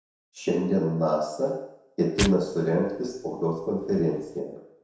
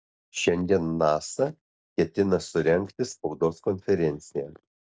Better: second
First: background sound (Tearing); 10 dB below the speech // room echo; dies away in 0.7 s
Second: none

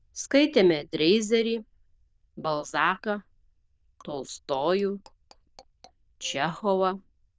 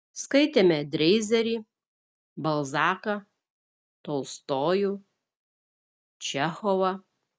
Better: second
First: noise reduction (neural diffusion model UNIVERSE++)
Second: none

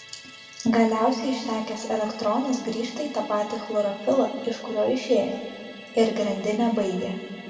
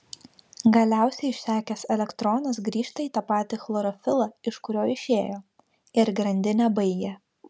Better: second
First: background sound (Musical instrument); 20 dB below the speech // room echo; dies away in 2 s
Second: none

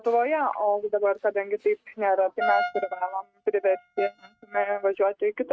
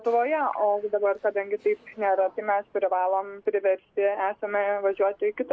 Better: second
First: noise reduction (neural mask model RNNoise)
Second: none

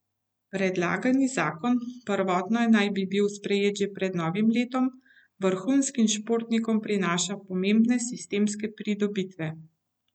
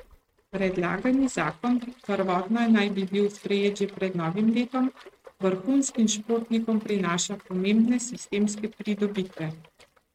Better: first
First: none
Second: noise reduction (neural mask model RNNoise)

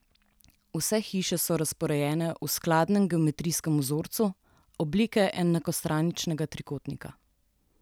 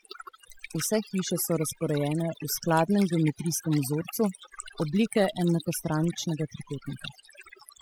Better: first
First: none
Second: noise reduction (classical method spectral subtraction)

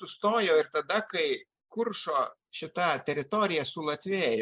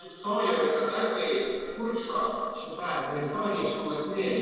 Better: first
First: none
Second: noise reduction (neural separator model SepFormer DNS4)

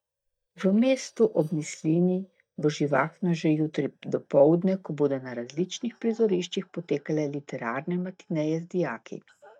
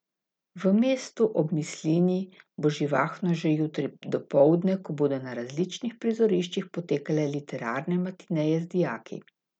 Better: second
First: noise reduction (neural mask model DeepFilterNet 3)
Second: none

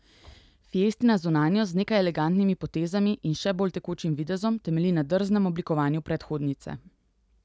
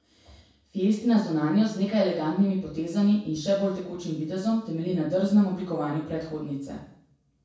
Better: first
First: none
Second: room echo; dies away in 0.6 s

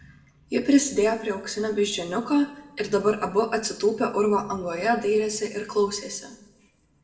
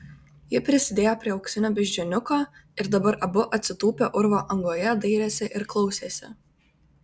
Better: second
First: room echo; dies away in 0.7 s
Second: none

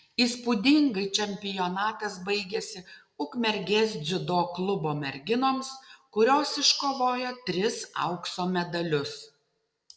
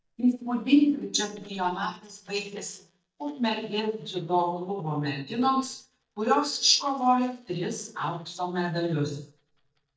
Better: first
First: none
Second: noise reduction (neural mask model DeepFilterNet 3)

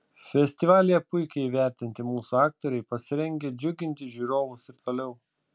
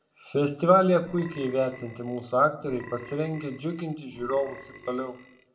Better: first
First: none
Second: background sound (Burping, eructation); 20 dB below the speech // room echo; dies away in 0.5 s

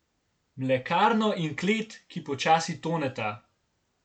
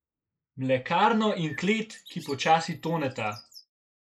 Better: first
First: none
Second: noise reduction (neural mask model Resemble Enhance denoiser)

